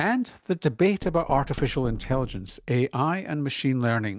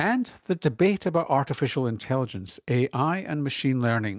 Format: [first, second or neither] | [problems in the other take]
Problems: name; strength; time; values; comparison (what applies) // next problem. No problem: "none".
second | background sound (Knock); 12 dB below the speech